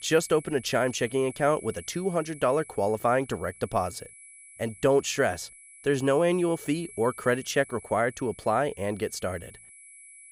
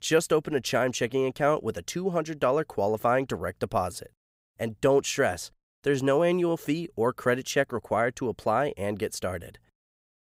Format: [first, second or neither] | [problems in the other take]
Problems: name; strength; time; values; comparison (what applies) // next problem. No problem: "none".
second | high-pitched whine; noticeable; throughout; 11 kHz, 20 dB below the speech